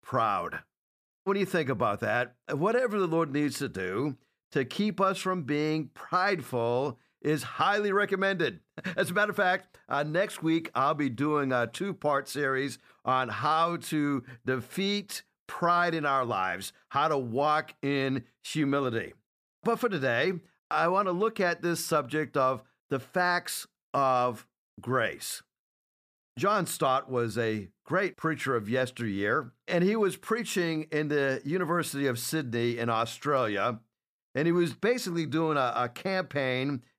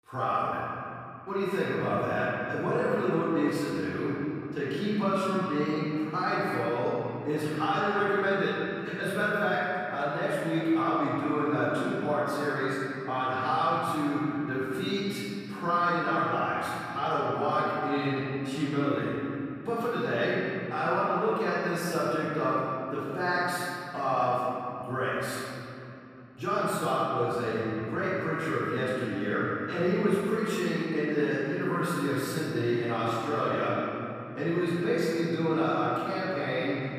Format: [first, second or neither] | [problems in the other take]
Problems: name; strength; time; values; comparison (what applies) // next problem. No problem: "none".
first | off-mic speech; far // room echo; strong; dies away in 3 s